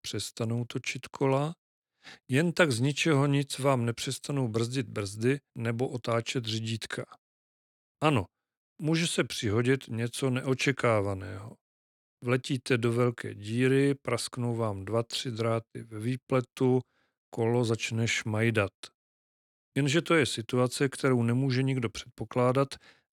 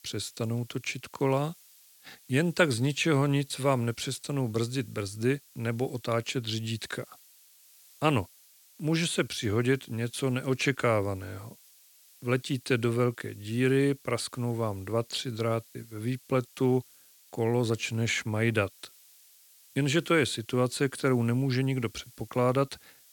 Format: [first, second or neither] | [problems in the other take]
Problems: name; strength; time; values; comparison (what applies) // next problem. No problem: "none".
first | hiss; faint; throughout; 25 dB below the speech